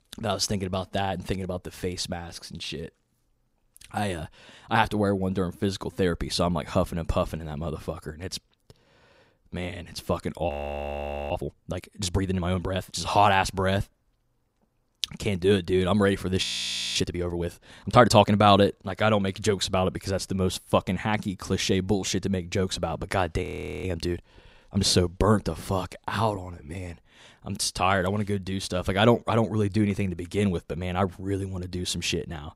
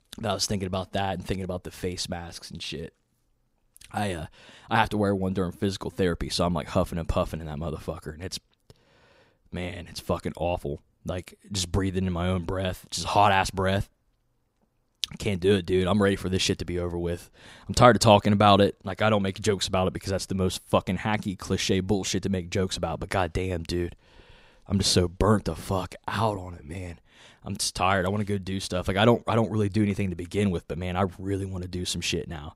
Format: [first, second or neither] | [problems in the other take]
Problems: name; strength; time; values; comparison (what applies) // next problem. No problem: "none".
second | audio freezing; at 10 s for 1 s, at 16 s for 0.5 s and at 23 s